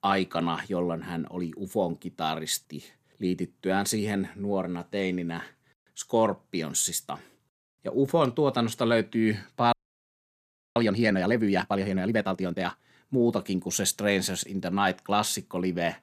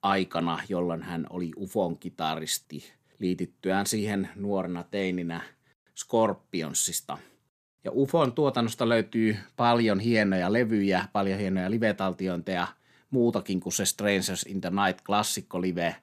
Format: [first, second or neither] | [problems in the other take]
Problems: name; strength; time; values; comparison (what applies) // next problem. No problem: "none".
second | audio freezing; at 9.5 s for 1 s